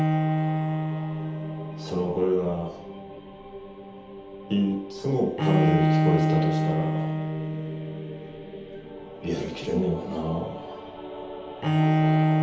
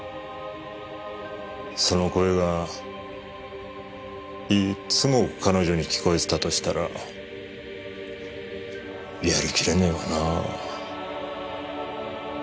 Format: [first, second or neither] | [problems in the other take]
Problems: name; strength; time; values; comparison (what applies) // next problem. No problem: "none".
second | background sound (Bowed string instrument); 3 dB above the speech // room echo; dies away in 0.8 s